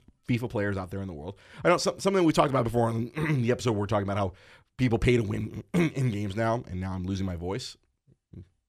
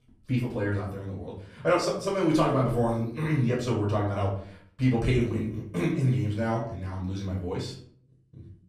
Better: first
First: none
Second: off-mic speech; far // room echo; slight; dies away in 0.5 s

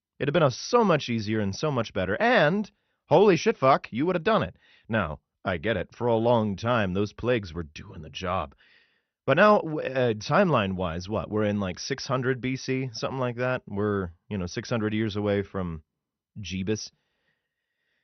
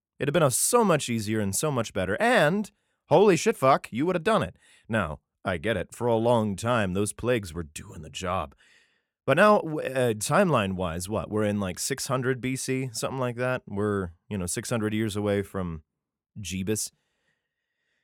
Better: second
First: garbled, watery; slightly; nothing above 6 kHz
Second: none

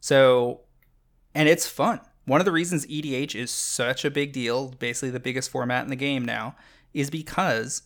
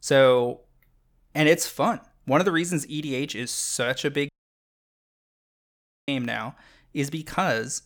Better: first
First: none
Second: audio cutting out; at 4.5 s for 2 s

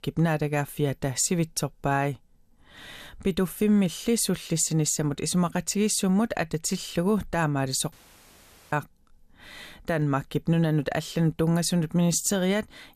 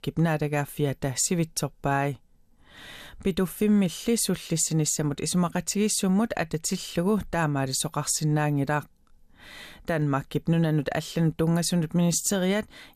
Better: second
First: audio cutting out; at 8 s for 1 s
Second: none

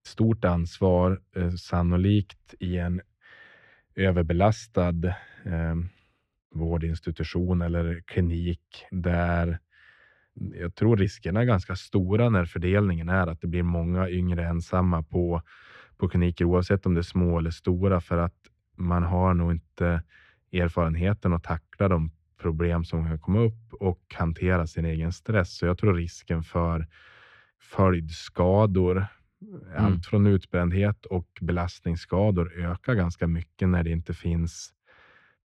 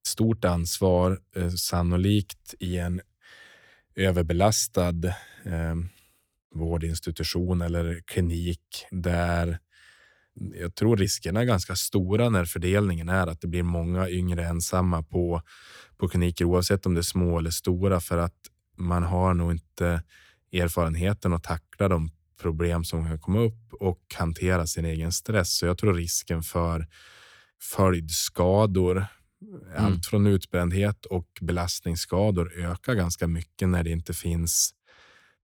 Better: second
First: muffled; very; fading above 2 kHz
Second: none

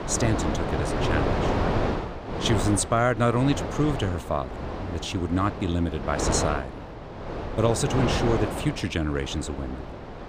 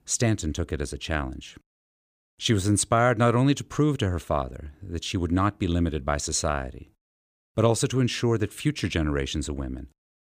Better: second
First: wind noise on the microphone; heavy; 3 dB below the speech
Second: none

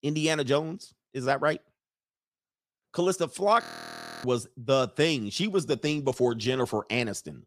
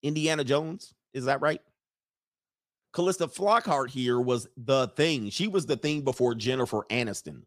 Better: second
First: audio freezing; at 3.5 s for 0.5 s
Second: none

